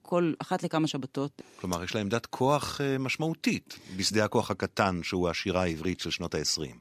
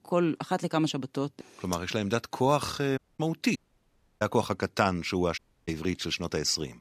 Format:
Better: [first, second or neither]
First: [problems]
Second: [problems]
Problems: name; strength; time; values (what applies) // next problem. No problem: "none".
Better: first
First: none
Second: audio cutting out; at 3 s, at 3.5 s for 0.5 s and at 5.5 s